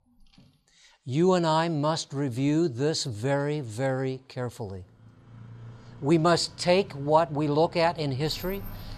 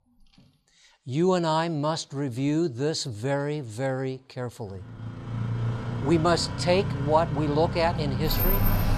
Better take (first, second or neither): first